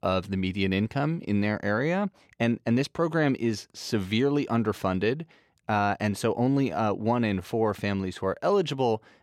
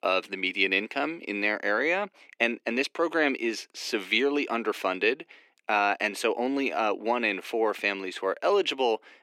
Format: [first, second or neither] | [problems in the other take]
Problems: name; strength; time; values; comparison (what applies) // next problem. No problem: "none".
first | thin; somewhat; fading below 300 Hz